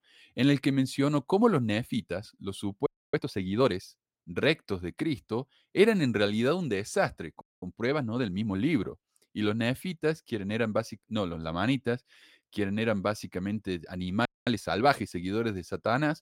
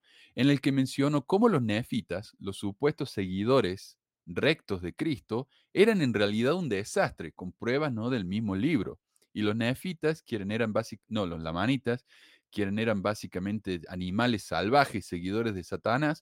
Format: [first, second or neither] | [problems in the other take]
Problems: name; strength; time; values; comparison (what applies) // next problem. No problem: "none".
second | audio freezing; at 3 s, at 7.5 s and at 14 s